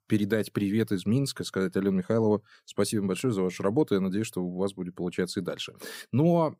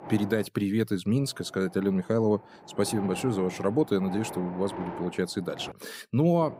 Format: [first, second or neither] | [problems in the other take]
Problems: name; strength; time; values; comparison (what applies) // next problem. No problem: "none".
first | wind noise on the microphone; occasional gusts; 10 dB below the speech